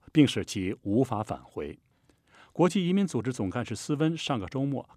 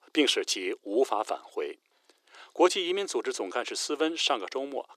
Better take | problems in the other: first | thin; very; fading below 350 Hz

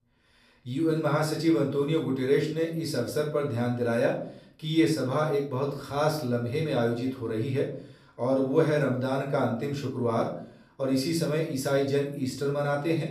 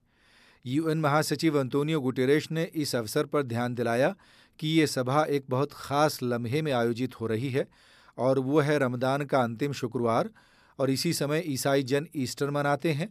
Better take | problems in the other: second | off-mic speech; far // room echo; slight; dies away in 0.5 s

